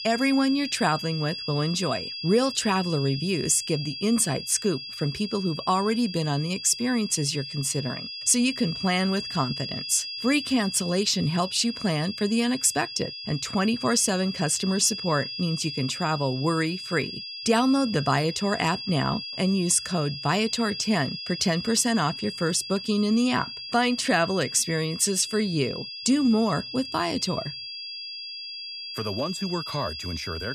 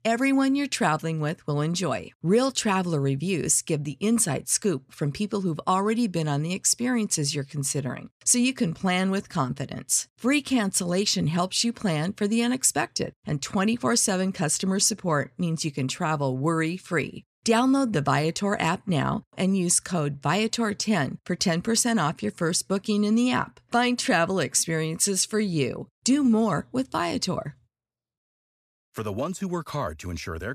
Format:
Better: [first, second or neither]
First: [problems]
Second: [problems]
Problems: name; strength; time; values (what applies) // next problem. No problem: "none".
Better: second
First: high-pitched whine; loud; throughout; 5 kHz, 8 dB below the speech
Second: none